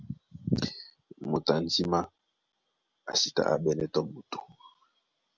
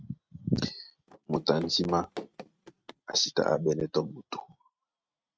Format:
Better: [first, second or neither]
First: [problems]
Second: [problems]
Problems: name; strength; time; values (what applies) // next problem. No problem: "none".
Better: first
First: none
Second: noise reduction (neural mask model RNNoise)